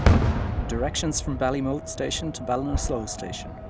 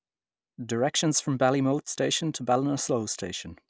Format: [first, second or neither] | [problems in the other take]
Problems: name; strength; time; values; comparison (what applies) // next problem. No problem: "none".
second | background sound (Fireworks); 3 dB above the speech